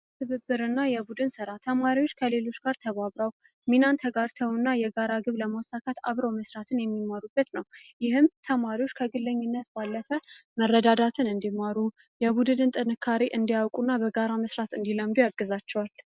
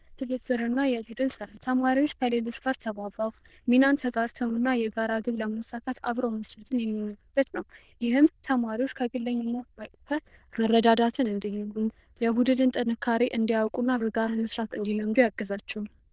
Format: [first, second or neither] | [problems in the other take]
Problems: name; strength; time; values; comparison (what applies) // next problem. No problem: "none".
first | noise reduction (neural diffusion model UNIVERSE++)